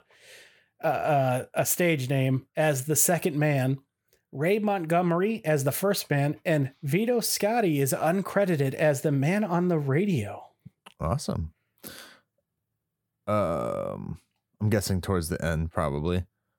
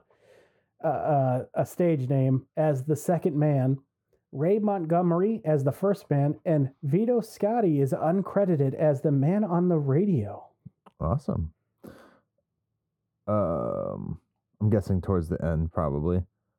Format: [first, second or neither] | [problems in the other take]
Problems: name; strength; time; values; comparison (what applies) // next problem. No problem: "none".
first | muffled; very; fading above 1.5 kHz